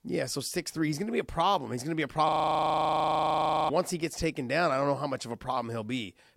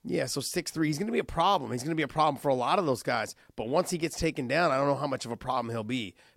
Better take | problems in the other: second | audio freezing; at 2.5 s for 1.5 s

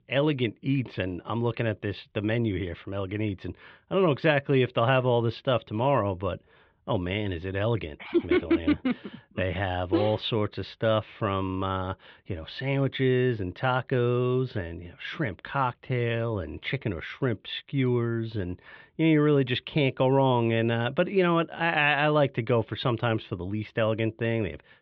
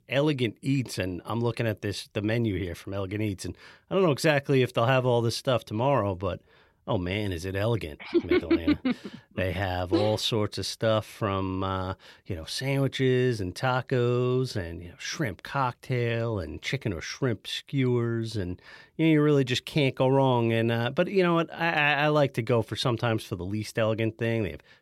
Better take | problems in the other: second | muffled; very; fading above 3.5 kHz

